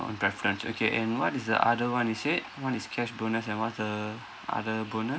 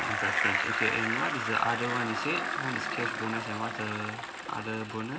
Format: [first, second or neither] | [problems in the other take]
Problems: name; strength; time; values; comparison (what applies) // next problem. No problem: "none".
first | background sound (Bicycle); 1 dB above the speech // room echo; dies away in 0.4 s